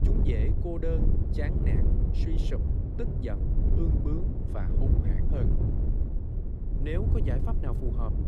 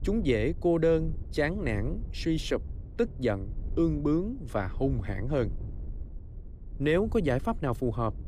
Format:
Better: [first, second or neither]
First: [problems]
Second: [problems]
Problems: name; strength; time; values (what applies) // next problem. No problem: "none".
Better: second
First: wind noise on the microphone; heavy; 1 dB below the speech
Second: wind noise on the microphone; occasional gusts; 25 dB below the speech